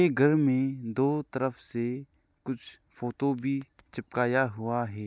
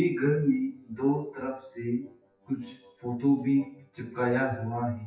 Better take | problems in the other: first | noise reduction (classical method WPE with log-MMSE)

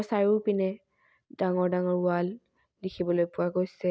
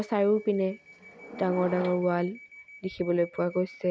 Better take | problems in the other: first | background sound (Subway, metro, underground / Door); 16 dB below the speech

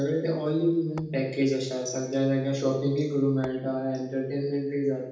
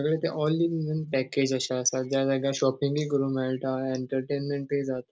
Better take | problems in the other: second | background sound (Tap / Hammer); 18 dB below the speech // room echo; dies away in 0.8 s

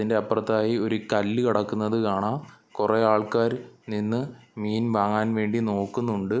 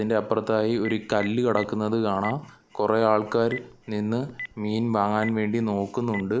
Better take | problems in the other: first | background sound (Telephone); 18 dB below the speech

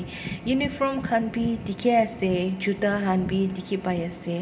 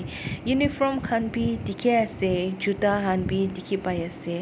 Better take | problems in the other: second | room echo; dies away in 1.8 s

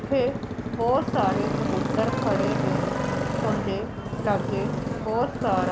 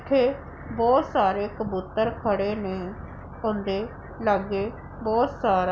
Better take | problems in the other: second | background sound (Motorcycle); as loud as the speech

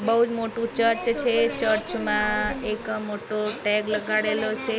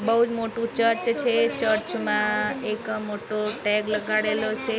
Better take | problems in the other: second | background sound (Insect); 19 dB below the speech

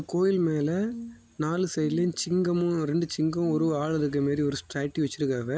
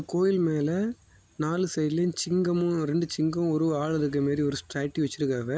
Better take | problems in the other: second | background sound (Brass instrument); 15 dB below the speech

